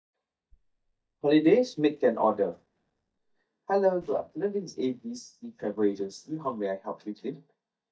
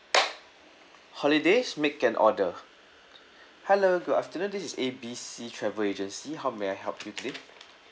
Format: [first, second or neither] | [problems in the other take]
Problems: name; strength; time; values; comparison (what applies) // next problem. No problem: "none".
second | noise reduction (neural mask model DeepFilterNet 3)